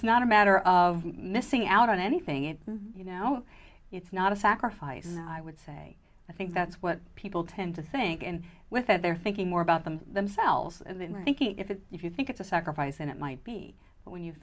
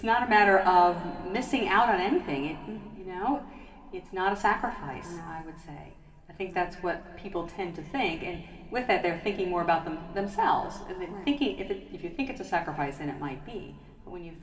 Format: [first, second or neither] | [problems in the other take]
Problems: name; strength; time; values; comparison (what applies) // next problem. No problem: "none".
first | room echo; dies away in 2.3 s